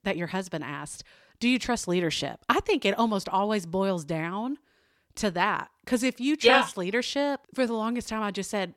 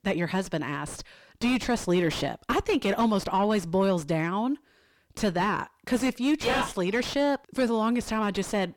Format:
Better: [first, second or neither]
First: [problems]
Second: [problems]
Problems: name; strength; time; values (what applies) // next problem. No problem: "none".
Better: first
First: none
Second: distortion; heavy; 5 dB below the speech